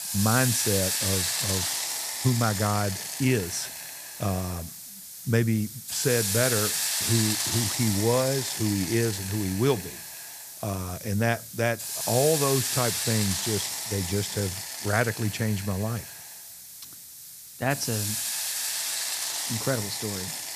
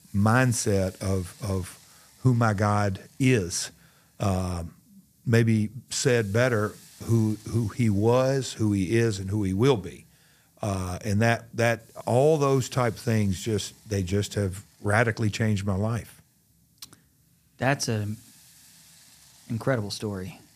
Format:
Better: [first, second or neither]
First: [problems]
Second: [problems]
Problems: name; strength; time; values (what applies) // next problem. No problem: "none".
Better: second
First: hiss; loud; throughout; 1 dB below the speech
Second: hiss; faint; throughout; 25 dB below the speech